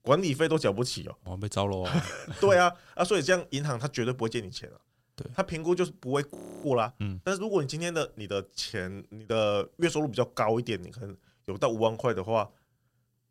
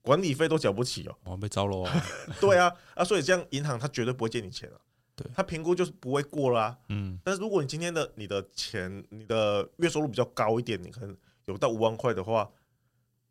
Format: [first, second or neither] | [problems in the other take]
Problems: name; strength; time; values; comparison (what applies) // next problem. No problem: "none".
second | audio freezing; at 6.5 s